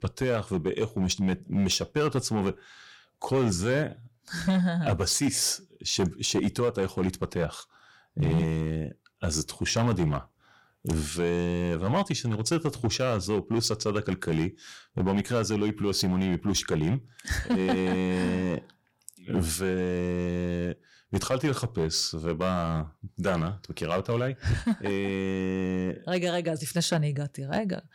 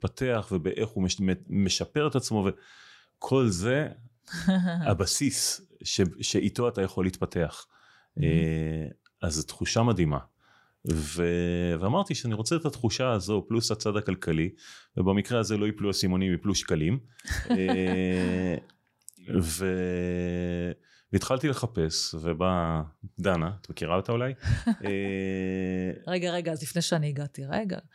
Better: second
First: distortion; slight; 5% of the sound clipped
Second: none

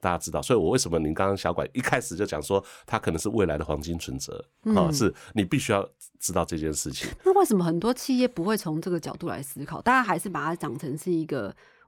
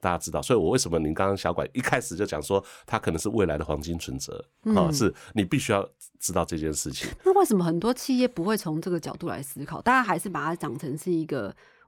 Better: neither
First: none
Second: none

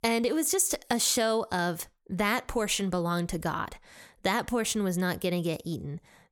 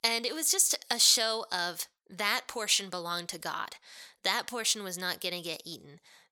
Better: first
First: none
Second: thin; somewhat; fading below 1 kHz

